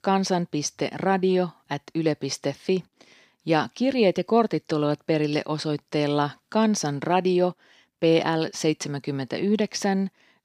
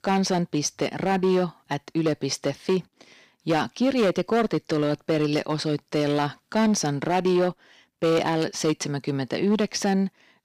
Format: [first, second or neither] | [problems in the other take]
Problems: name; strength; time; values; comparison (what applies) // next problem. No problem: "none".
first | distortion; slight; 7% of the sound clipped